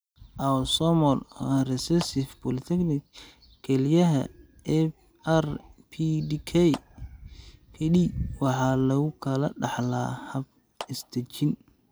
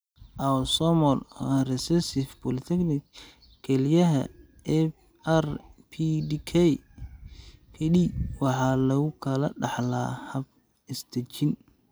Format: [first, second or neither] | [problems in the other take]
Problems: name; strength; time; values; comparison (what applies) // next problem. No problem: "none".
second | background sound (Clapping); 20 dB below the speech